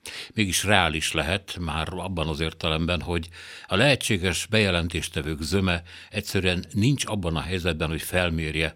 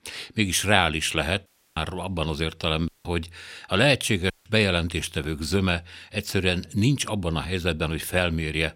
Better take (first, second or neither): first